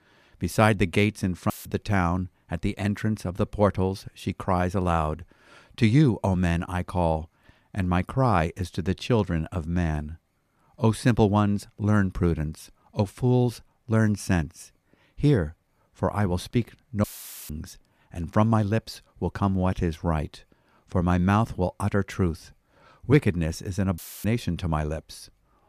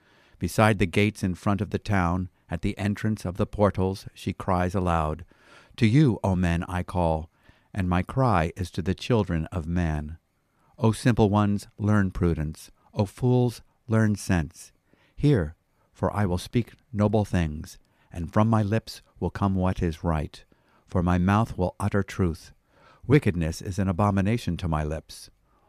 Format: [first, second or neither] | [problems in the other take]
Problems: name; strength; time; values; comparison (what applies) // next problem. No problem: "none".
second | audio cutting out; filled with static; at 1.5 s, at 17 s and at 24 s